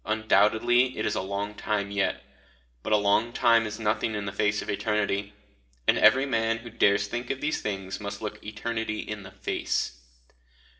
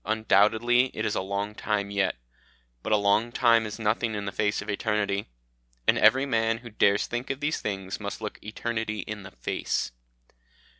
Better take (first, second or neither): second